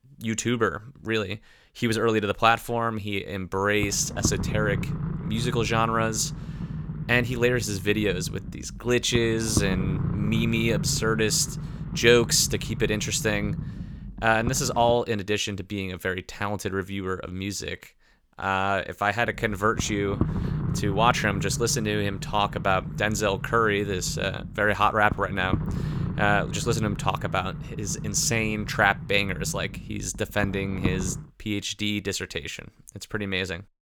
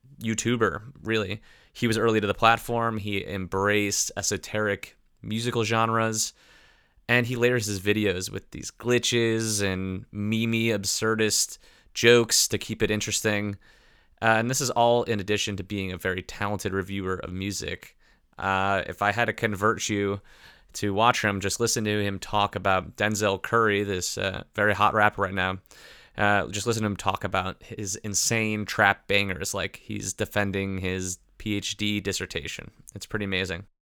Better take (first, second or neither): second